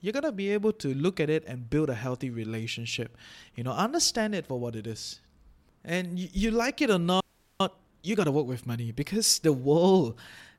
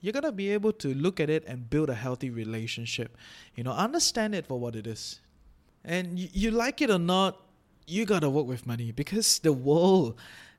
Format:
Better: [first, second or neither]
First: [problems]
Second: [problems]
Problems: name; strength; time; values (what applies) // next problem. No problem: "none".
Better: second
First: audio freezing; at 7 s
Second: none